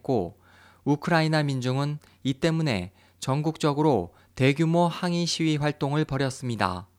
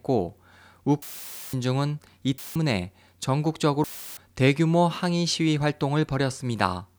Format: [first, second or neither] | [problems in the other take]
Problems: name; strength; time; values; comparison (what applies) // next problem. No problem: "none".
first | audio cutting out; filled with static; at 1 s for 0.5 s, at 2.5 s and at 4 s